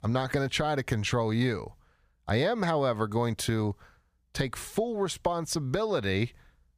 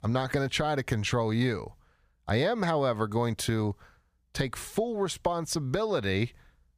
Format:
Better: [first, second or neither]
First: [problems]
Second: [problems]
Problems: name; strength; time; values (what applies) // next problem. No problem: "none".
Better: neither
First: none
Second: none